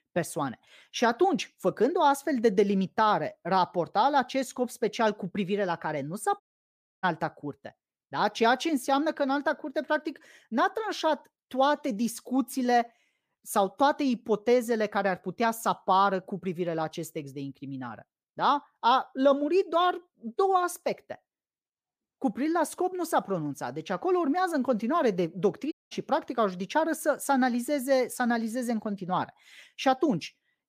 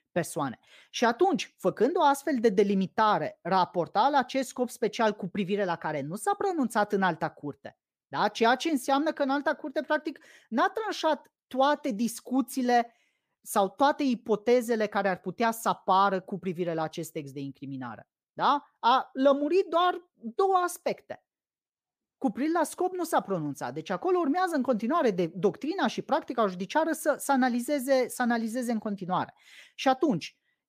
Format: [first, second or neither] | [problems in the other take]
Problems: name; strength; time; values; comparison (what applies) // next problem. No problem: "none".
second | audio cutting out; at 6.5 s for 0.5 s and at 26 s